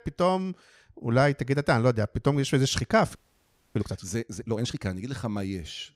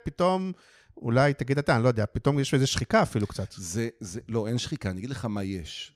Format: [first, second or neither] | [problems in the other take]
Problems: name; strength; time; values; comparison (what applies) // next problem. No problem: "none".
second | audio freezing; at 3 s for 0.5 s